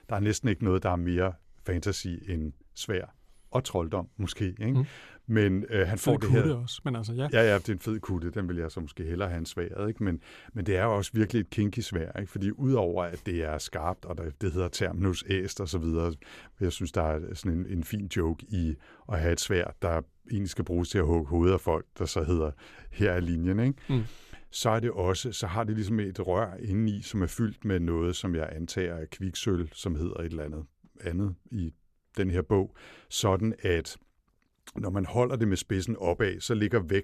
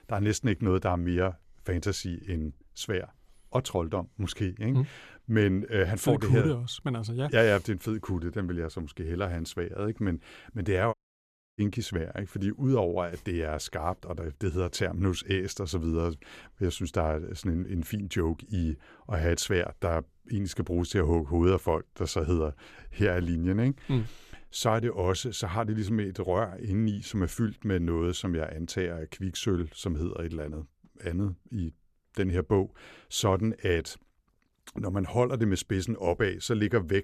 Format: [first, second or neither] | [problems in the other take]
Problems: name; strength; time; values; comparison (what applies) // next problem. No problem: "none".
first | audio cutting out; at 11 s for 0.5 s